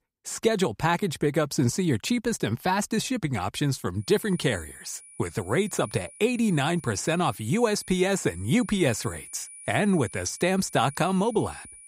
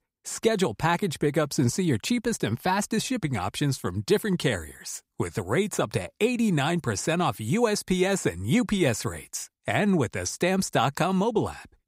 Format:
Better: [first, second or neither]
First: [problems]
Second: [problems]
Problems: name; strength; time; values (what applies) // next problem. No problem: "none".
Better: second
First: high-pitched whine; noticeable; from 4 s on; 9.5 kHz, 20 dB below the speech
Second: none